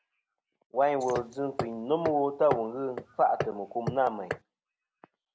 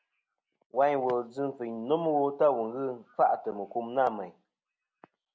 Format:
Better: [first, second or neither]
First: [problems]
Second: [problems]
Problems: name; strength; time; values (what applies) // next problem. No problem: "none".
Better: second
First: background sound (Hammer); 7 dB below the speech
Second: none